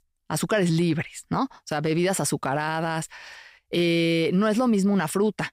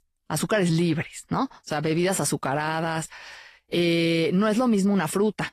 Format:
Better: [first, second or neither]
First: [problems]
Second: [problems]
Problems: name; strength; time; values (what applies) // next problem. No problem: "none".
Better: first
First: none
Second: garbled, watery; slightly; nothing above 14.5 kHz